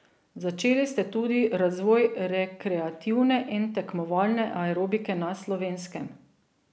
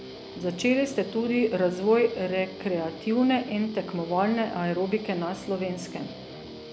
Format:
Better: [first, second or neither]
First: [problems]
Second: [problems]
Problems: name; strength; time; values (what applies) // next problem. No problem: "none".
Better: first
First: none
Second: background sound (Guitar); 14 dB below the speech